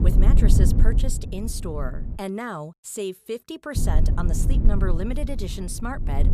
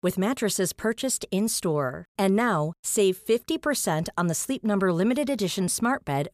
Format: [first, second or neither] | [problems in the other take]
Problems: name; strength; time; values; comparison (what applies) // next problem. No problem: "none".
second | low rumble; loud; until 2 s and from 4 s on; 5 dB below the speech